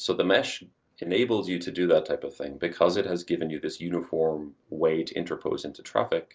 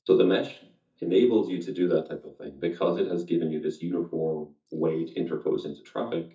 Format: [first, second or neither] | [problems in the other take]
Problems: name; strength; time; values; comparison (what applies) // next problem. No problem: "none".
first | noise reduction (neural mask model DeepFilterNet 3)